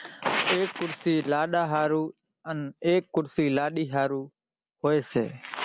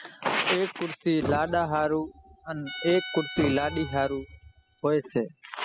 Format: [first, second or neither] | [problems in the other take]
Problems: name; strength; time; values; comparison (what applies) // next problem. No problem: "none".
first | noise reduction (classical method spectral subtraction)